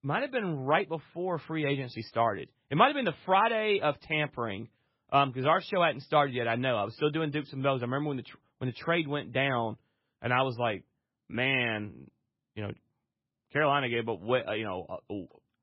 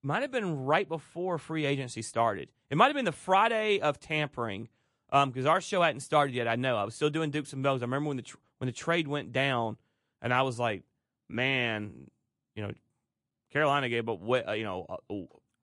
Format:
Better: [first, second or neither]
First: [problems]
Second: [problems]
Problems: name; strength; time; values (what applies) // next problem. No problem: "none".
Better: second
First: garbled, watery; badly; nothing above 5.5 kHz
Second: garbled, watery; slightly